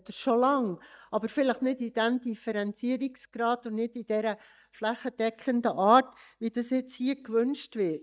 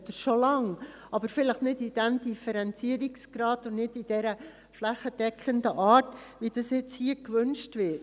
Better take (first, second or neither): second